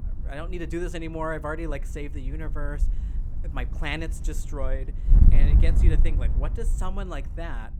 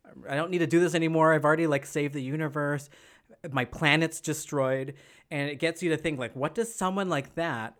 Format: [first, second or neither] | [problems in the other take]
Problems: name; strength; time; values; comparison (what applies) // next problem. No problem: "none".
second | wind noise on the microphone; occasional gusts; 10 dB below the speech